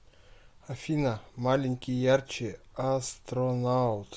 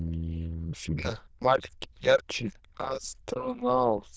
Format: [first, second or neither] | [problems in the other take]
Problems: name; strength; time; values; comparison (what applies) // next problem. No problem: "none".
first | noise reduction (neural diffusion model UNIVERSE++)